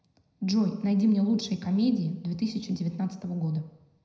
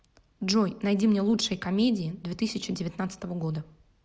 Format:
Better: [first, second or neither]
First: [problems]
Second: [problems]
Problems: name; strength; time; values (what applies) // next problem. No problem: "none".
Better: second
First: room echo; dies away in 0.7 s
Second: none